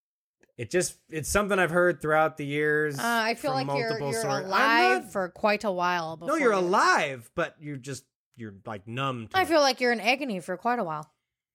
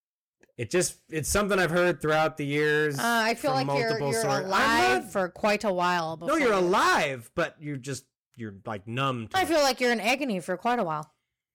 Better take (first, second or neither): first